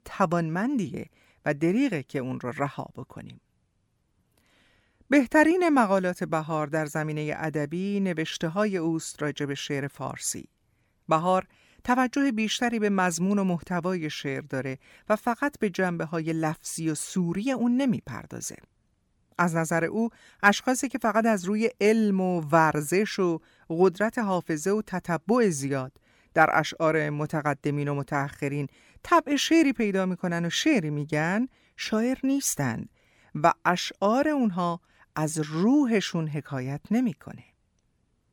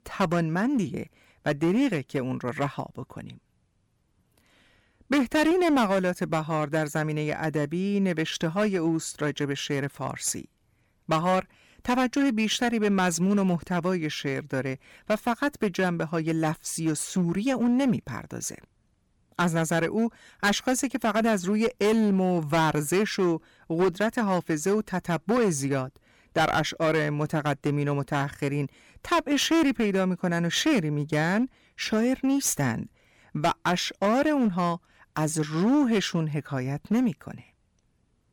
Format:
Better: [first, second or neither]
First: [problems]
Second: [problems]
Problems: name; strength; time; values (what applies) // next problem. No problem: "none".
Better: first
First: none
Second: distortion; slight; 7% of the sound clipped